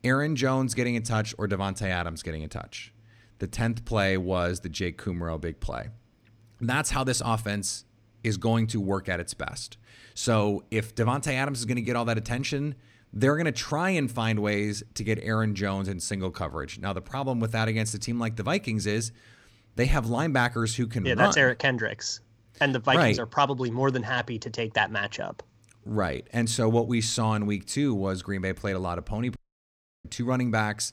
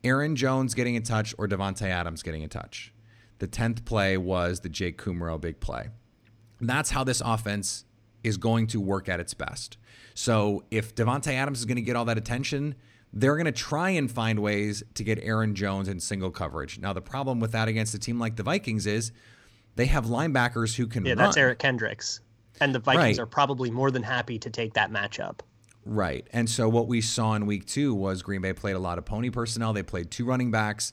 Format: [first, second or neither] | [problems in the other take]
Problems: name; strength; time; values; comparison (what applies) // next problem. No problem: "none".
second | audio cutting out; at 29 s for 0.5 s